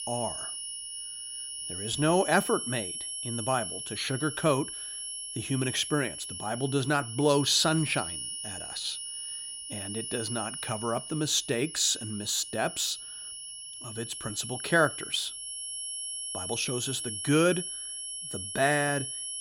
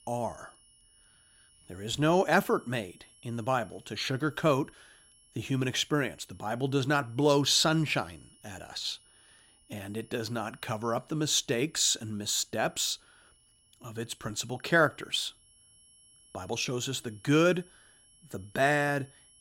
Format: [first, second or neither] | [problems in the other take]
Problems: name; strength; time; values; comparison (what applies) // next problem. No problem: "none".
second | high-pitched whine; loud; throughout; 10.5 kHz, 6 dB below the speech; faint in the second